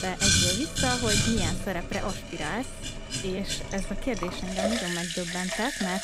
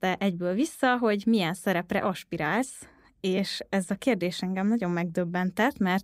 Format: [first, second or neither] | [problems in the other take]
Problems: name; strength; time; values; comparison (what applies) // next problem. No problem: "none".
second | household noises; very loud; throughout; 3 dB above the speech